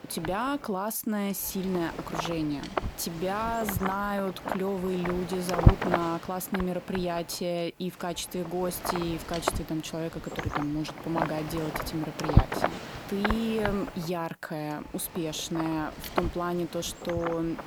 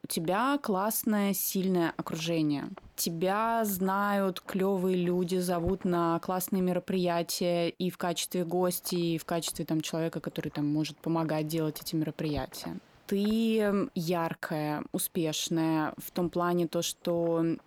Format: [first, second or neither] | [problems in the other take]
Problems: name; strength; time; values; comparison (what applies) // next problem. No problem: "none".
second | wind noise on the microphone; heavy; 1 dB below the speech; occasional gusts in the second